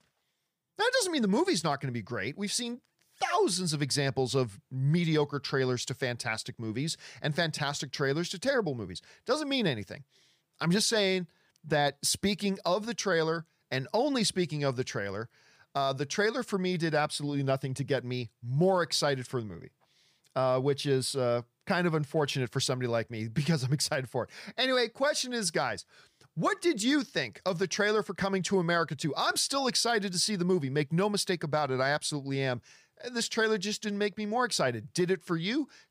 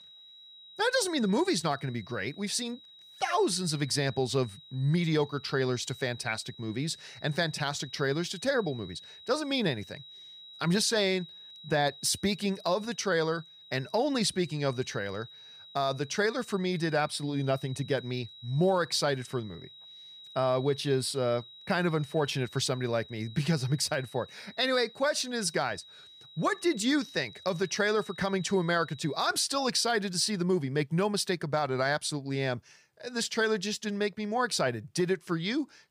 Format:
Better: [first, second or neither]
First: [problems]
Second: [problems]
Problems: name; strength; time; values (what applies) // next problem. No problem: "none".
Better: first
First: none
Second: high-pitched whine; noticeable; until 29 s; 4 kHz, 20 dB below the speech